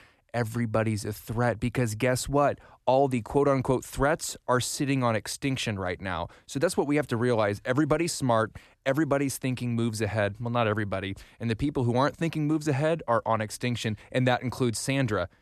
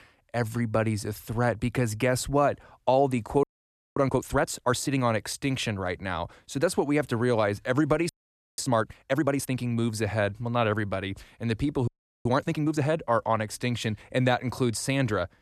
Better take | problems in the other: first | audio freezing; at 3.5 s for 0.5 s, at 8 s and at 12 s

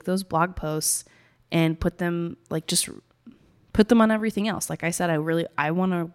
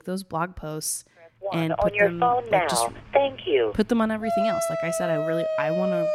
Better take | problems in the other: first | alarms or sirens; very loud; from 2 s on; 4 dB above the speech

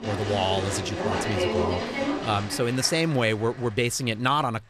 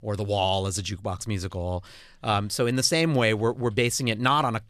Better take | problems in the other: second | crowd noise; loud; throughout; 3 dB below the speech

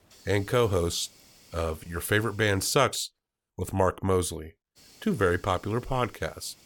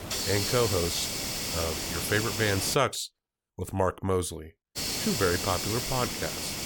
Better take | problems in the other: first | hiss; loud; until 3 s and from 5 s on; 1 dB below the speech; faint in the first

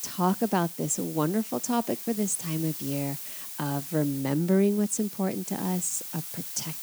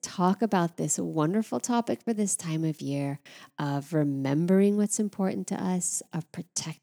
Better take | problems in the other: second | hiss; loud; throughout; 8 dB below the speech

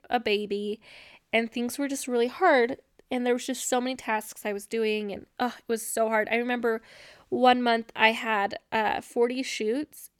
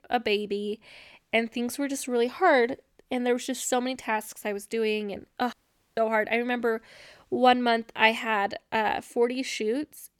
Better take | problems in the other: first | audio cutting out; at 5.5 s

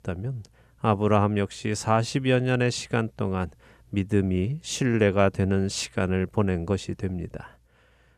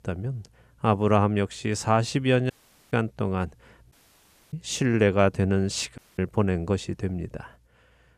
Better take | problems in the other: first | audio cutting out; at 2.5 s, at 4 s for 0.5 s and at 6 s

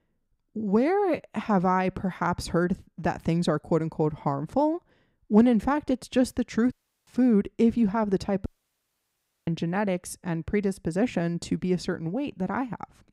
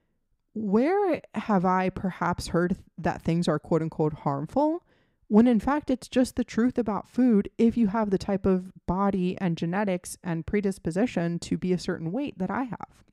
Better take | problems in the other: second | audio cutting out; at 6.5 s and at 8.5 s for 1 s

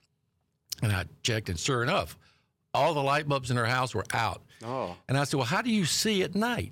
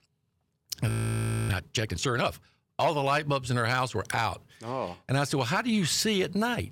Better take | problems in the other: first | audio freezing; at 1 s for 0.5 s

